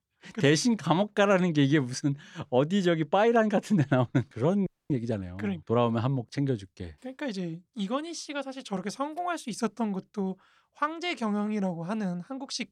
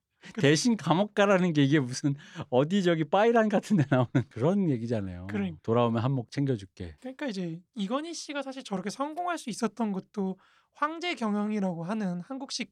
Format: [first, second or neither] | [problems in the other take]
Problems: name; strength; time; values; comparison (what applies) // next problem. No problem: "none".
second | audio freezing; at 4.5 s